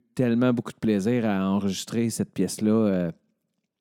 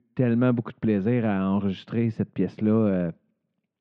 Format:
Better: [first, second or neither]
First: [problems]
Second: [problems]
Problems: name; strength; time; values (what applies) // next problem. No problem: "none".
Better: first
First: none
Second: muffled; very; fading above 3 kHz